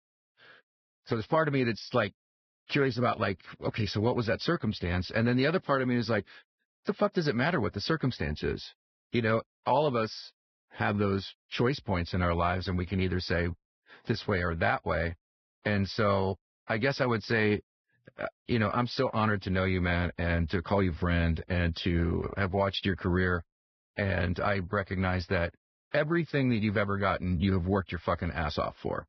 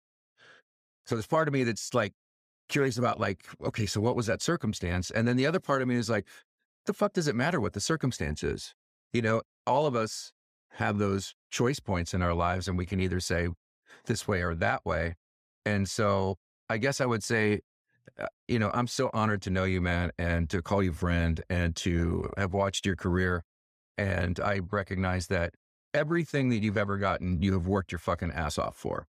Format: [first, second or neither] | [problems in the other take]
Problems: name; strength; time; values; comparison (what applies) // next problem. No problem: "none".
second | garbled, watery; badly; nothing above 5.5 kHz